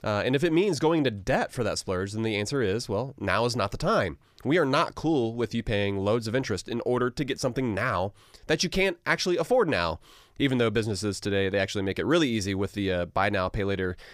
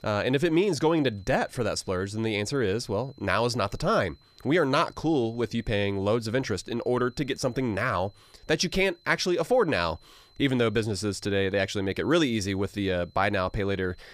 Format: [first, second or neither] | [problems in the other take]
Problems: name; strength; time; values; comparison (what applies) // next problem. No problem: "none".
first | high-pitched whine; faint; throughout; 4 kHz, 30 dB below the speech